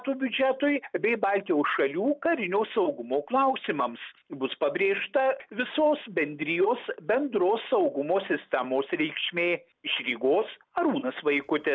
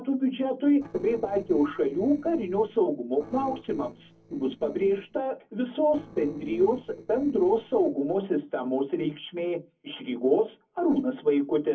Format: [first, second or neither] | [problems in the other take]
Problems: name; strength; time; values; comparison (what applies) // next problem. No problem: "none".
first | noise reduction (neural separator model SepFormer DNS4)